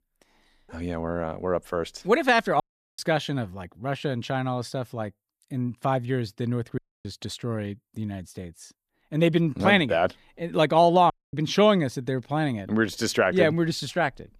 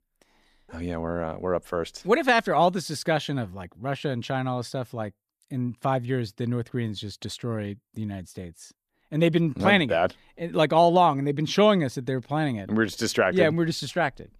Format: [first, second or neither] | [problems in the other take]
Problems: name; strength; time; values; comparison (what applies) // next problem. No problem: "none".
second | audio cutting out; at 2.5 s, at 7 s and at 11 s